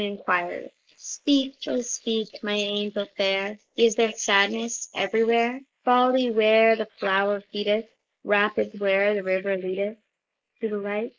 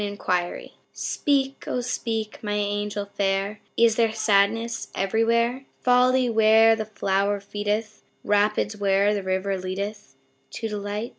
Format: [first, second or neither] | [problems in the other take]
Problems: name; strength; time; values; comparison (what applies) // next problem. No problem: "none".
second | noise reduction (neural mask model Resemble Enhance denoiser)